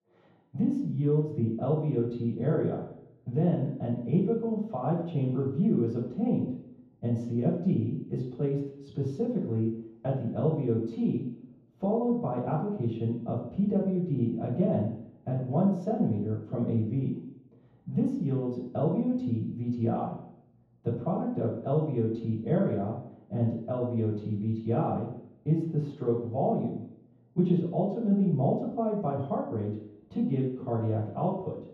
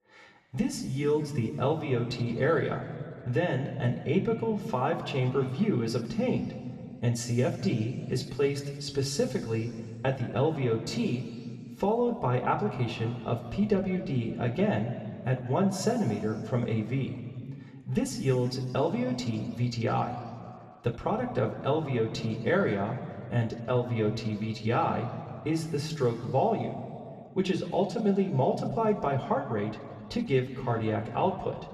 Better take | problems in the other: second | room echo; strong; dies away in 0.9 s; slight in the second // off-mic speech; far

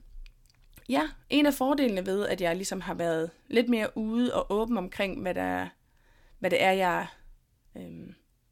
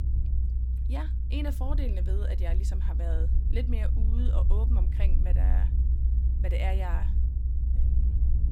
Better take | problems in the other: first | low rumble; loud; throughout; 5 dB below the speech

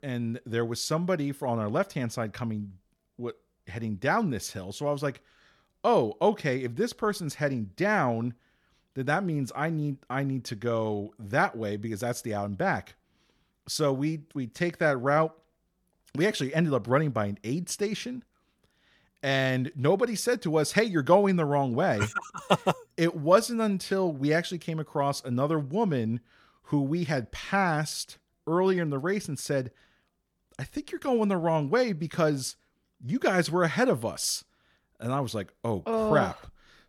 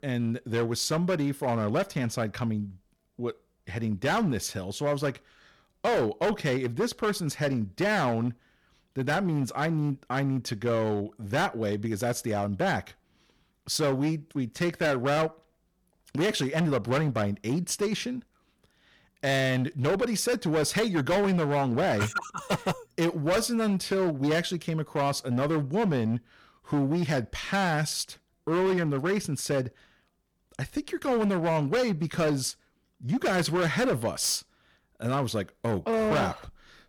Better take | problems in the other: first | distortion; heavy; 12% of the sound clipped

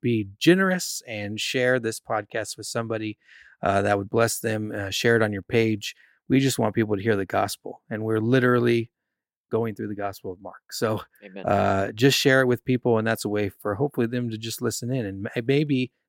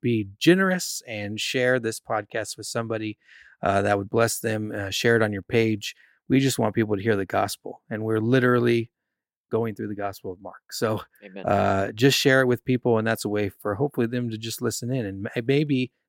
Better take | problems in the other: neither | none

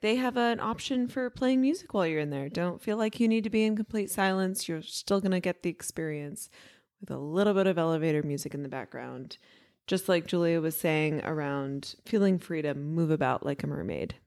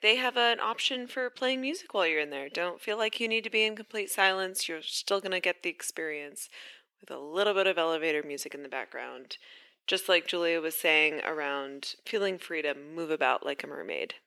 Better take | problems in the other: first | thin; very; fading below 400 Hz

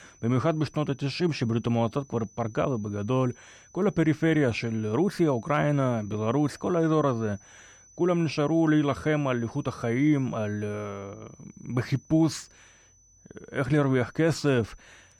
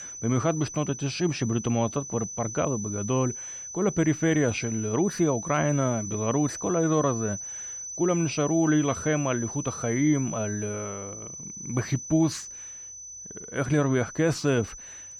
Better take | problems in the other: first | high-pitched whine; loud; throughout; 6 kHz, 9 dB below the speech; faint in the first

